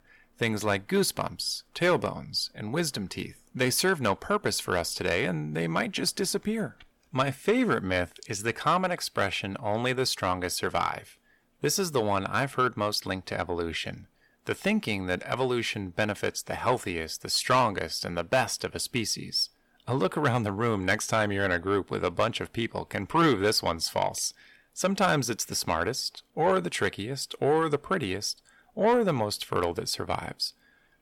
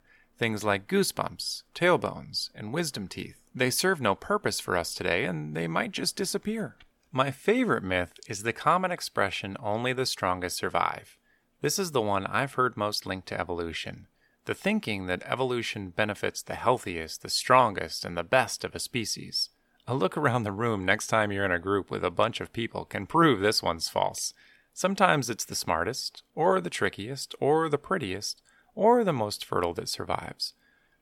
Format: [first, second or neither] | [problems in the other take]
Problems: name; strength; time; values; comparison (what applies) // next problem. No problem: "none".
second | distortion; slight; 10 dB below the speech